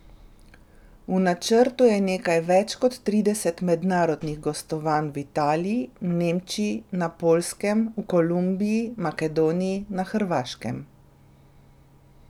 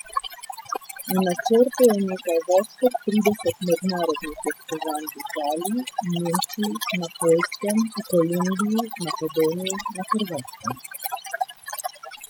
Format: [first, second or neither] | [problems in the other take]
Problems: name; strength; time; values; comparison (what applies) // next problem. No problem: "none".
first | noise reduction (classical method spectral subtraction)